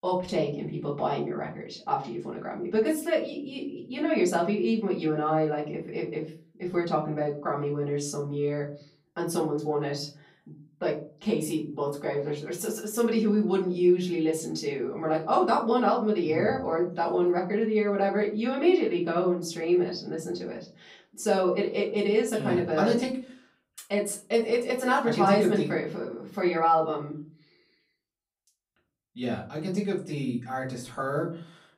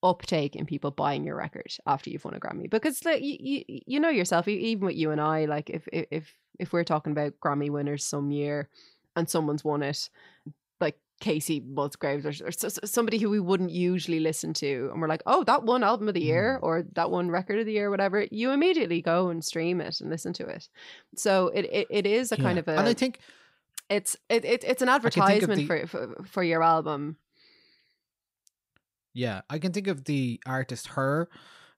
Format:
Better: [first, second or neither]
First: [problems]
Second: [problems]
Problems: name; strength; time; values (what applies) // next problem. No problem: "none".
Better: second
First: off-mic speech; far // room echo; slight; dies away in 0.4 s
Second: none